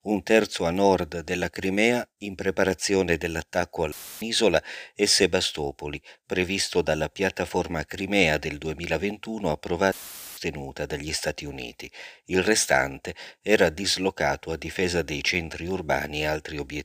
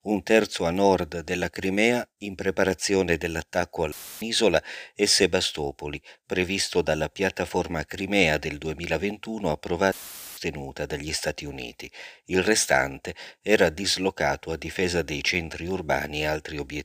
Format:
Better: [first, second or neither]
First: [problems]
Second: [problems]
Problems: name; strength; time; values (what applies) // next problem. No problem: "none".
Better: neither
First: audio cutting out; filled with static; at 4 s and at 10 s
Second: audio cutting out; filled with static; at 4 s and at 10 s